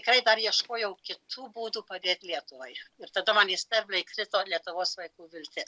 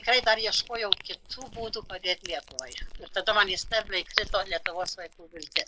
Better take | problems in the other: first | noise reduction (neural mask model Resemble Enhance denoiser)

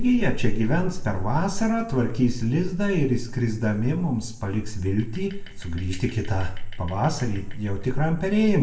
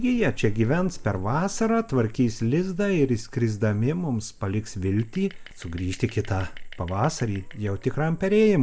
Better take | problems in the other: second | room echo; dies away in 0.5 s

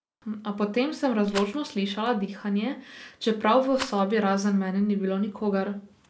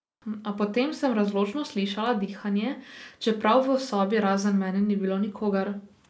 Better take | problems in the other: second | background sound (Rattle); 13 dB below the speech

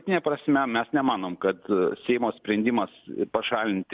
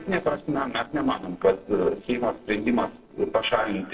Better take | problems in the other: first | noise reduction (neural separator model SepFormer DNS4)

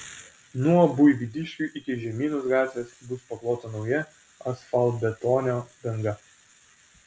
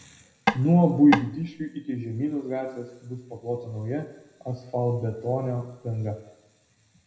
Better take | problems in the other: first | background sound (Tap / Wood); 2 dB below the speech // room echo; dies away in 0.7 s

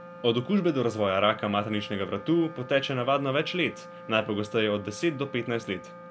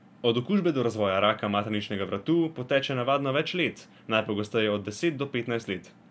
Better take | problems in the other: second | background sound (Wind instrument, woodwind instrument); 17 dB below the speech

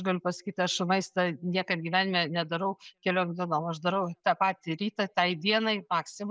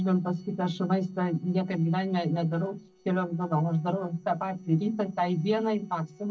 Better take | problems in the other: first | noise reduction (neural separator model SepFormer DNS4)

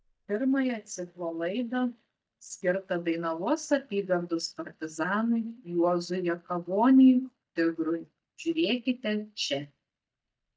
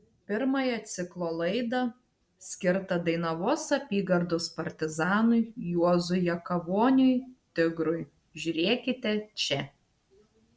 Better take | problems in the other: second | noise reduction (neural mask model DeepFilterNet 3)

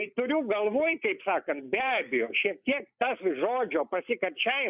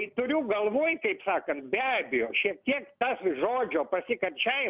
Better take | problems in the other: second | noise reduction (neural mask model Resemble Enhance denoiser)

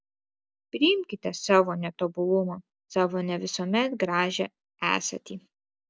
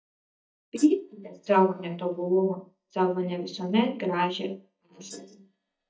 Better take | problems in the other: first | noise reduction (neural mask model DeepFilterNet 3)

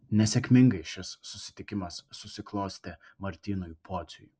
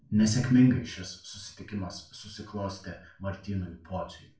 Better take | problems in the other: first | room echo; dies away in 0.4 s

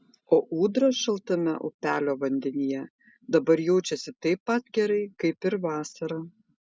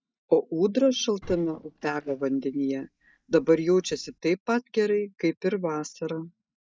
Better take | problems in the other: first | noise reduction (neural mask model DeepFilterNet 3)

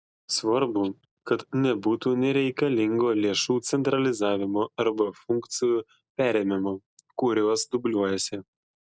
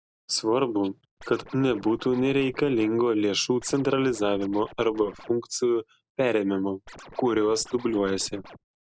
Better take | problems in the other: first | background sound (Scratching (performance technique)); 20 dB below the speech

